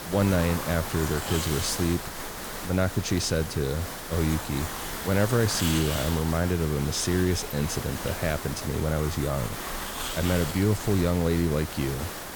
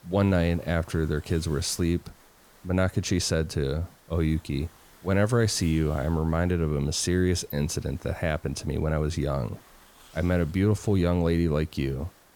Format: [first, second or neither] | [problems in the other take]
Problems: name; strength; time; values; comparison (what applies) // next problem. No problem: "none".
second | hiss; loud; throughout; 6 dB below the speech; faint in the second